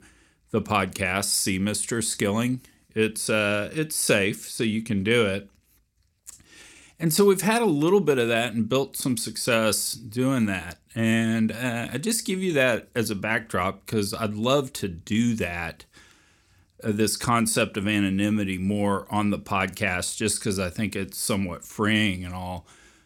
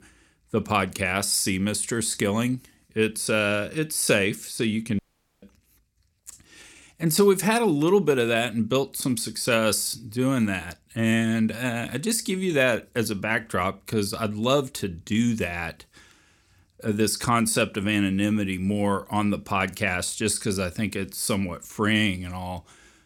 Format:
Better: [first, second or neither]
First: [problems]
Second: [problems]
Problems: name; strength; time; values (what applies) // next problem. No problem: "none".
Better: first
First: none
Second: audio cutting out; at 5 s